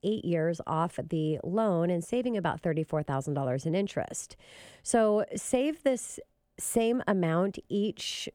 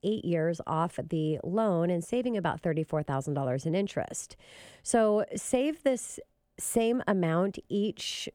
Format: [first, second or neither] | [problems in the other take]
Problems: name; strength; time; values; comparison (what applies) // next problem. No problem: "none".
neither | none